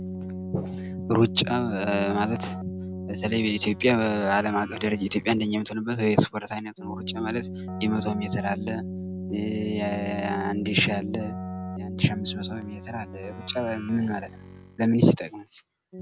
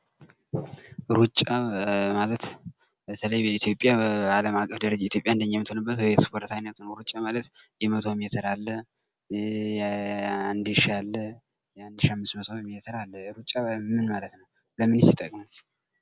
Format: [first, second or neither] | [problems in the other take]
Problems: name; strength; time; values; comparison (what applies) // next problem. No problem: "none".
second | background sound (Keyboard (musical)); 8 dB below the speech